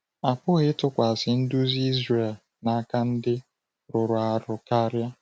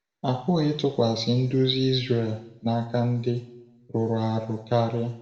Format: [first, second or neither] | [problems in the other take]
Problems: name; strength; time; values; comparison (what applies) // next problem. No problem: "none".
first | room echo; dies away in 0.8 s